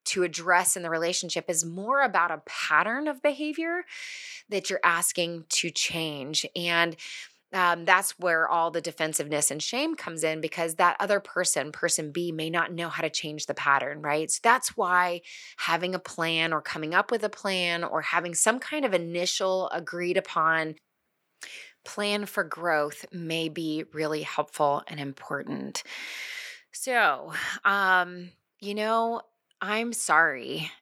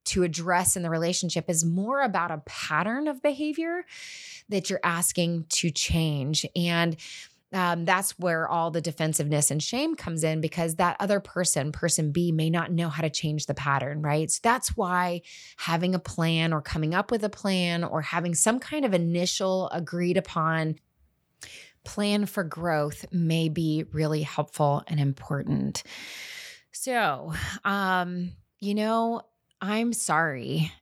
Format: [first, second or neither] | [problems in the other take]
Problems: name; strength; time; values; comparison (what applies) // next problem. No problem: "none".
second | thin; somewhat; fading below 350 Hz